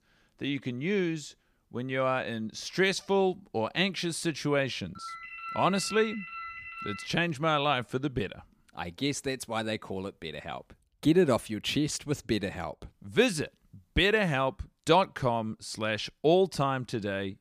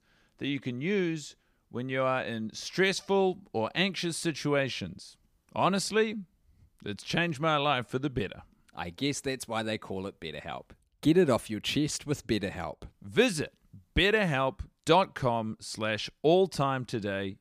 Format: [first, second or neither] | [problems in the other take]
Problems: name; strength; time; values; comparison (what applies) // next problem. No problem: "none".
second | phone ringing; noticeable; from 5 to 7 s; peak 9 dB below the speech